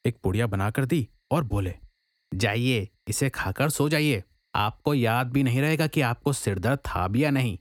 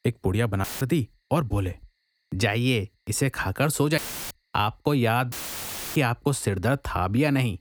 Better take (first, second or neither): first